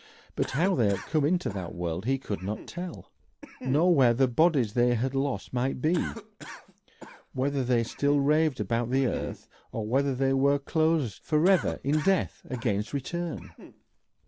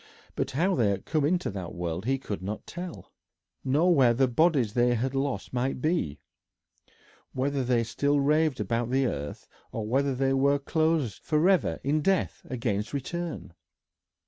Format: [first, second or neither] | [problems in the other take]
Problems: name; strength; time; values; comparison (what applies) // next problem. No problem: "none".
second | background sound (Cough); 18 dB below the speech